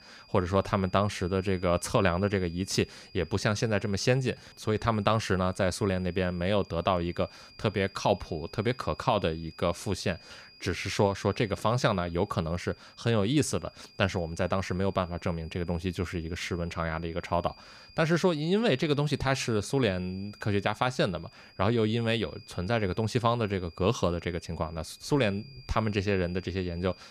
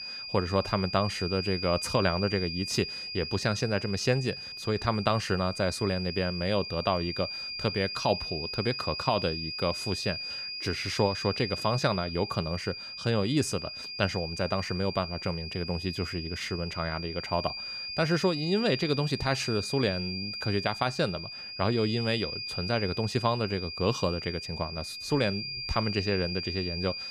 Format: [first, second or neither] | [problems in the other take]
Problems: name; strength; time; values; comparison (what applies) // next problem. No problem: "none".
first | high-pitched whine; loud; throughout; 5 kHz, 5 dB below the speech; faint in the first